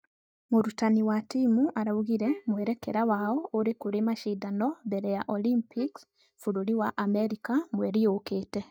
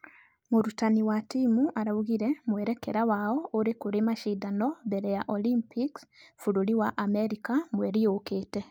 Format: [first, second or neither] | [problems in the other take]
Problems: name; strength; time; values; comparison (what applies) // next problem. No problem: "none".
second | noise reduction (neural mask model DeepFilterNet 3)